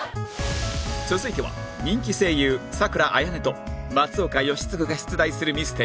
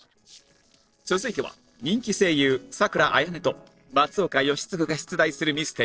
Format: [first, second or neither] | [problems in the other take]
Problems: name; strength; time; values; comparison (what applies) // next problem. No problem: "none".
first | noise reduction (neural separator model SepFormer DNS4)